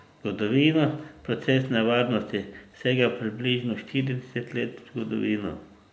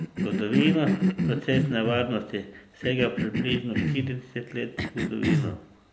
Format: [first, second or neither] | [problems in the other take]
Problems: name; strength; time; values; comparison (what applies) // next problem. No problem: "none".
first | background sound (Cough); as loud as the speech